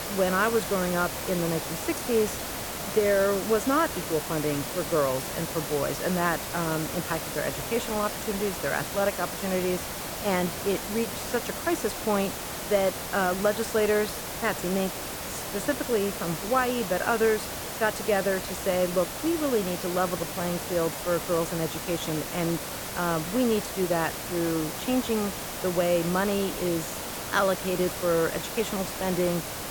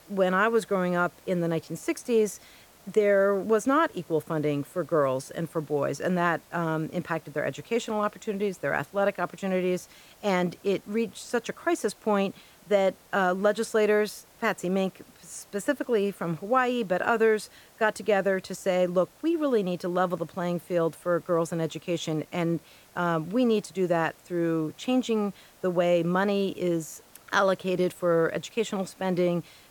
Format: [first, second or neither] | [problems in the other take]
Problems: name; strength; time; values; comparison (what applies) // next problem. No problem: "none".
second | hiss; loud; throughout; 5 dB below the speech; faint in the second